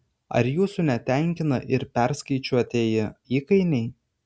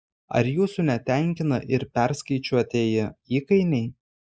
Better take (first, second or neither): first